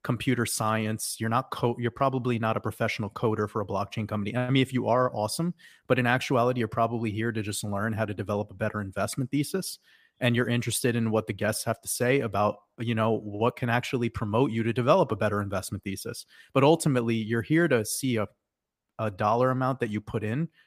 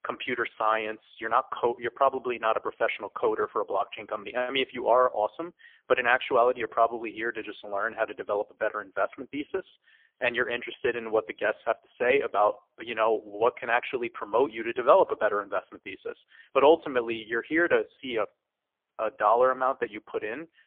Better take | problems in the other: first | phone-call audio; poor line; nothing above 3.5 kHz

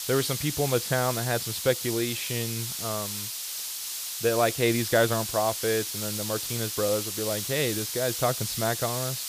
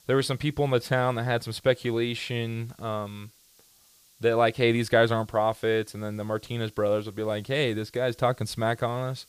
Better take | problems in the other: second | hiss; loud; throughout; 3 dB below the speech; faint in the second

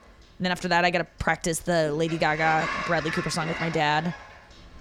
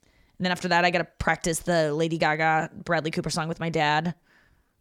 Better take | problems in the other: second | household noises; loud; throughout; 8 dB below the speech

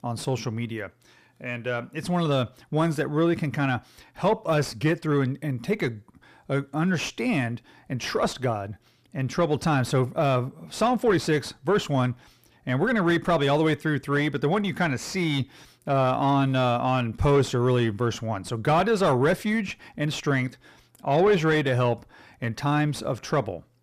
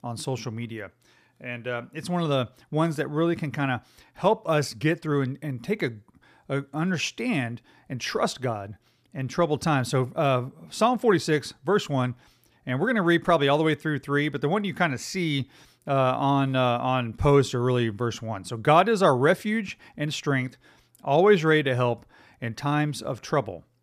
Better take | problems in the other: second | distortion; slight; 10 dB below the speech

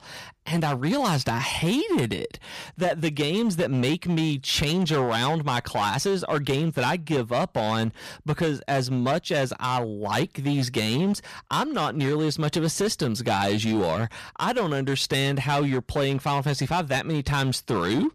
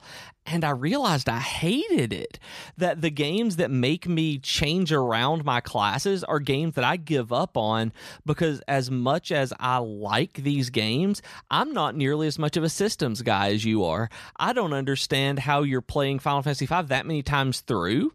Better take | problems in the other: second | distortion; slight; 13% of the sound clipped

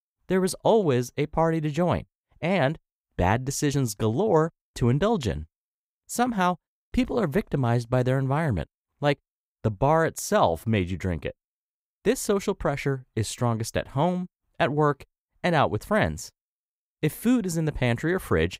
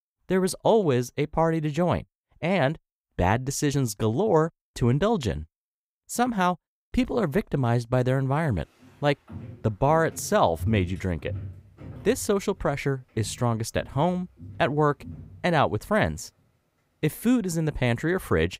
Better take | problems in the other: first | footsteps; noticeable; from 9.5 to 15 s; peak 8 dB below the speech

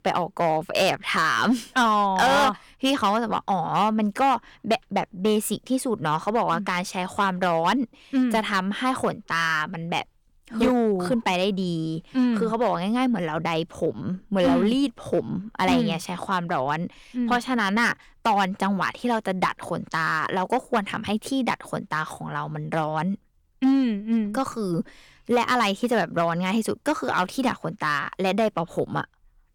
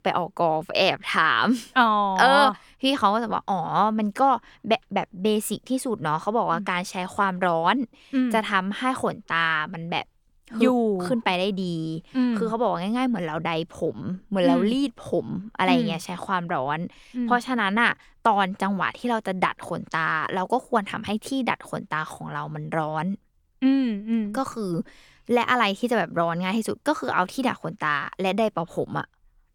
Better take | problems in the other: second | distortion; slight; 4% of the sound clipped

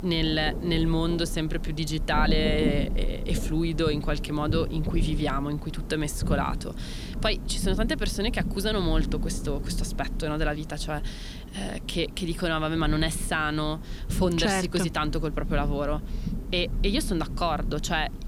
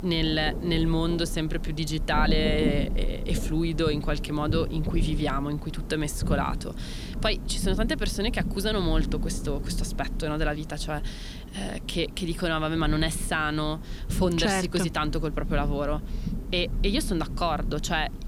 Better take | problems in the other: neither | rain or running water; loud; throughout; 5 dB below the speech; the same in both

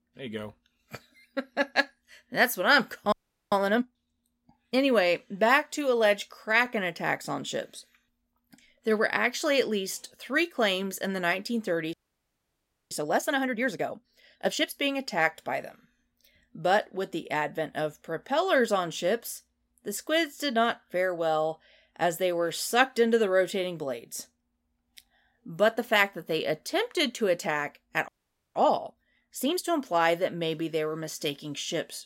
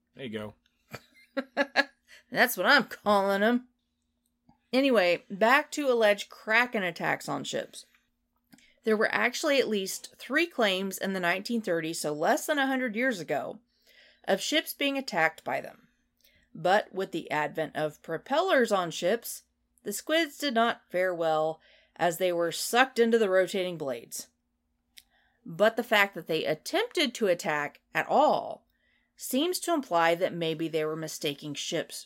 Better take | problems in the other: second | audio freezing; at 3 s, at 12 s for 1 s and at 28 s

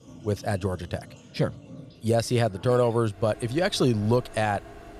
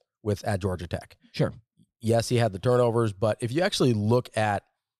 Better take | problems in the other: second | household noises; faint; throughout; 20 dB below the speech

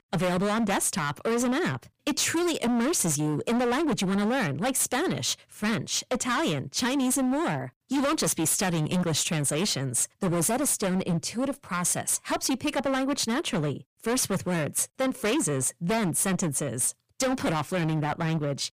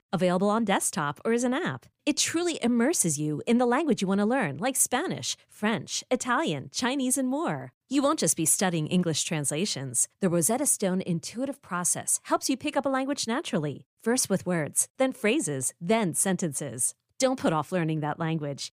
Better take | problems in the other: second | distortion; heavy; 26% of the sound clipped

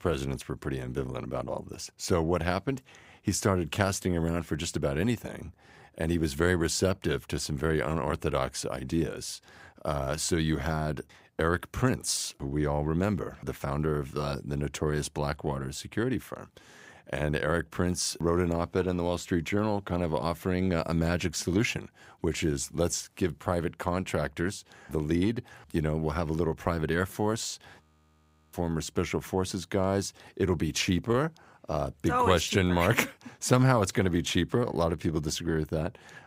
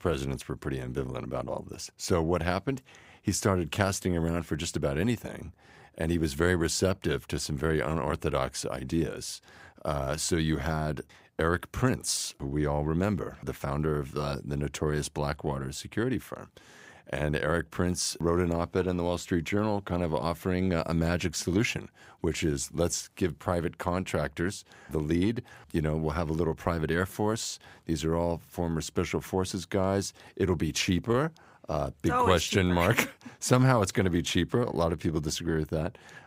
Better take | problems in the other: second | audio freezing; at 28 s for 0.5 s

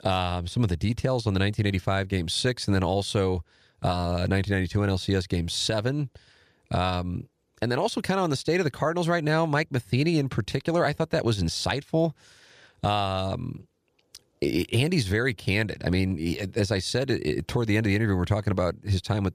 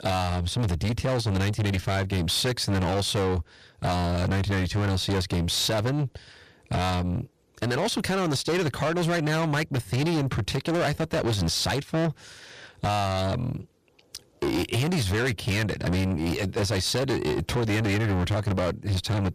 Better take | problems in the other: first | distortion; heavy; 6 dB below the speech

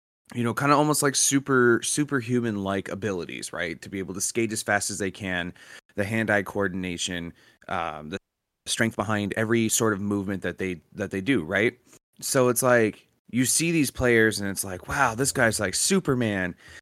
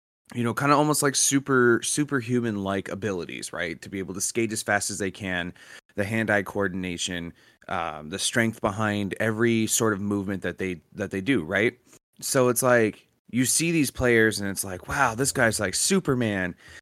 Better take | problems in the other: second | audio freezing; at 8 s

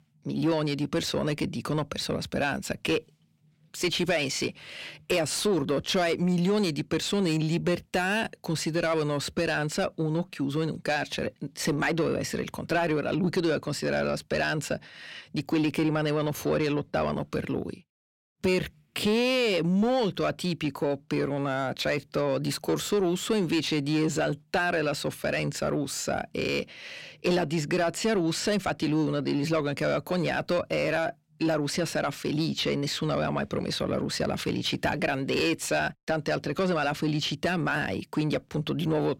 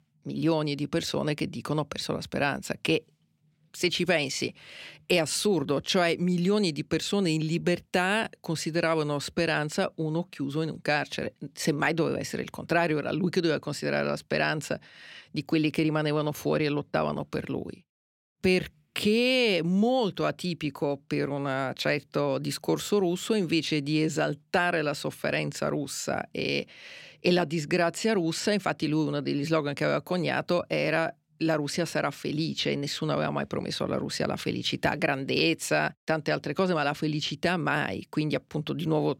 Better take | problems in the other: second | distortion; slight; 10 dB below the speech

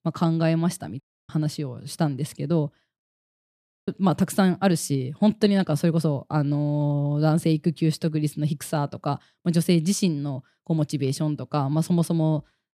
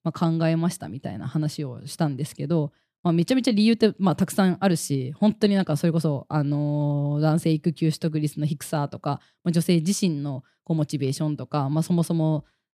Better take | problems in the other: second | audio cutting out; at 1 s and at 3 s for 1 s

